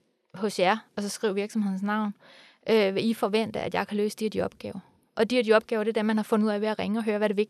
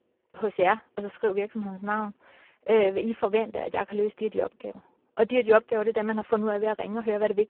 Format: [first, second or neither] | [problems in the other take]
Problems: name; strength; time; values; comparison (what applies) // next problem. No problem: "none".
first | phone-call audio; poor line